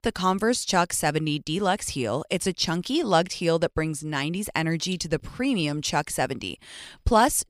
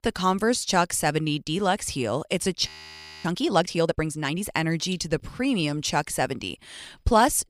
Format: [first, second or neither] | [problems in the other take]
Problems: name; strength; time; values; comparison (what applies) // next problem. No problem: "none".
first | audio freezing; at 2.5 s for 0.5 s